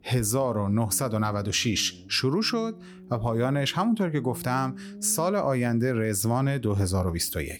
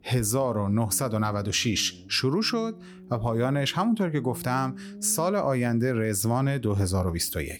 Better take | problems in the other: neither | low rumble; faint; throughout; 25 dB below the speech; the same in both

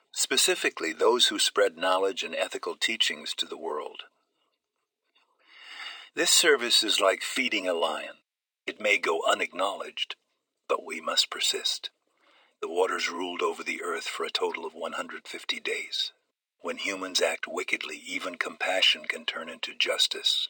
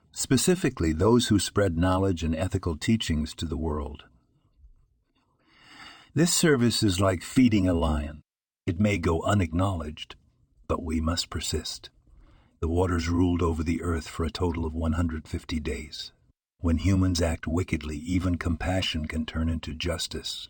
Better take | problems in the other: second | thin; very; fading below 450 Hz

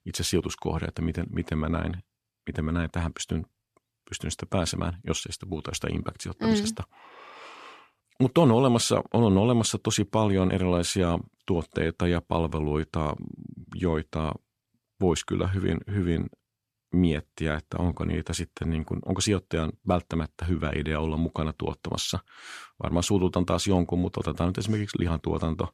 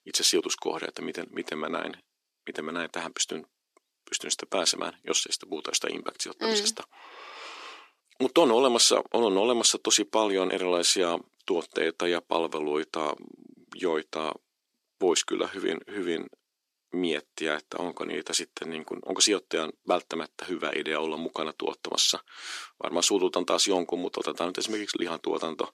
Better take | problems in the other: first | thin; somewhat; fading below 350 Hz

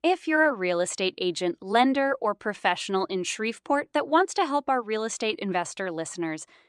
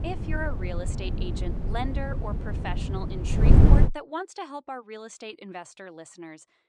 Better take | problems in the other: first | wind noise on the microphone; heavy; until 4 s; as loud as the speech

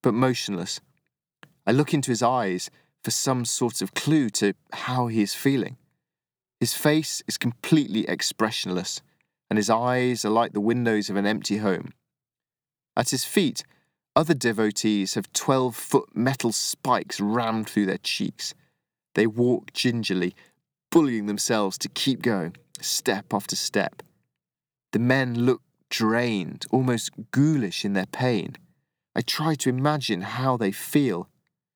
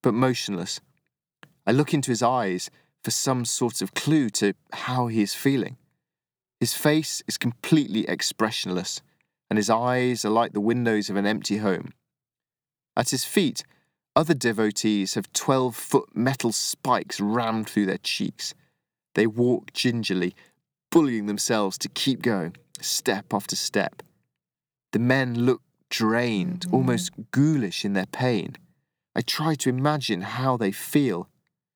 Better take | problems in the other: first | phone ringing; noticeable; at 26 s; peak 6 dB below the speech

